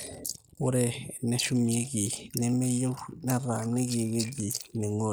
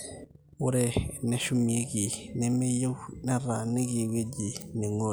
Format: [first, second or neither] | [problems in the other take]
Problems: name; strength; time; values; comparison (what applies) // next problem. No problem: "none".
second | noise reduction (neural mask model Resemble Enhance denoiser)